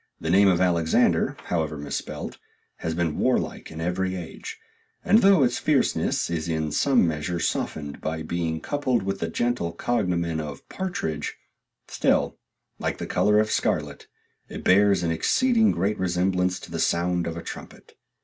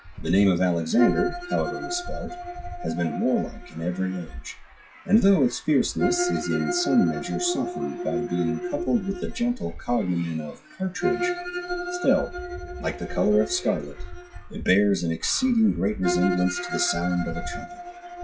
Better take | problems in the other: first | noise reduction (classical method log-MMSE)

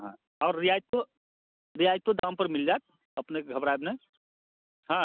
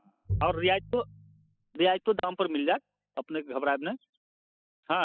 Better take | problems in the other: first | noise reduction (classical method spectral subtraction)

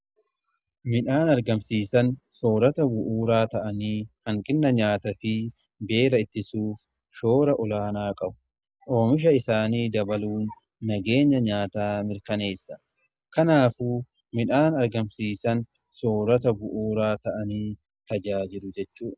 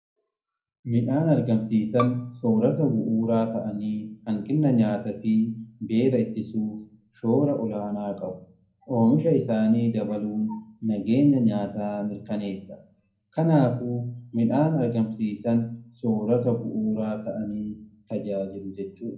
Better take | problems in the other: first | background sound (Bowed string instrument); 14 dB below the speech // room echo; dies away in 0.5 s

